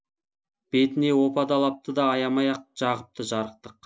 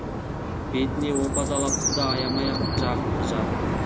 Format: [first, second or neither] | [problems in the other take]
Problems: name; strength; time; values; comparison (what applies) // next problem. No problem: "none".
first | background sound (Chirp, tweet); 3 dB above the speech